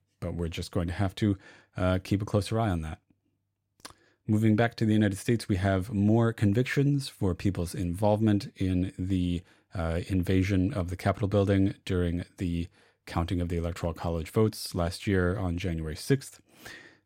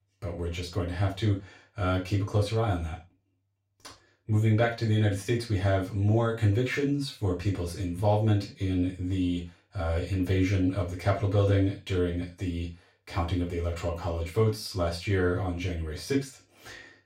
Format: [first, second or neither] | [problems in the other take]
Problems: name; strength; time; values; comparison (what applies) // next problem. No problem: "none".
first | room echo; slight; dies away in 0.3 s // off-mic speech; far